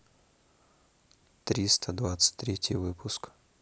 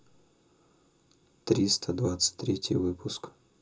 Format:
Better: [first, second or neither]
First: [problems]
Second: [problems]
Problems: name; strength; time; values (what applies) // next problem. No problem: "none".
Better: first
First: none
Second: room echo; dies away in 0.2 s